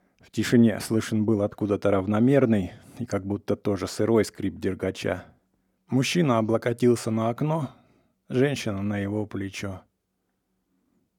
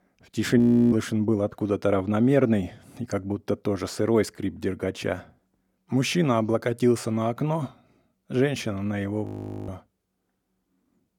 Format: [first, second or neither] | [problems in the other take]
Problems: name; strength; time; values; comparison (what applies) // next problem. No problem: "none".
first | audio freezing; at 0.5 s and at 9.5 s